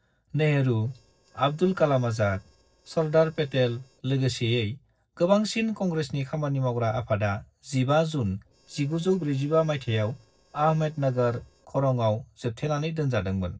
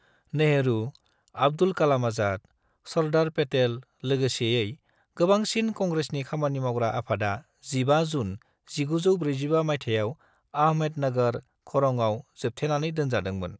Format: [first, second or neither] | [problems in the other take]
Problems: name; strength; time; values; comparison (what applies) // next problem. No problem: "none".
second | noise reduction (neural separator model SepFormer DNS4)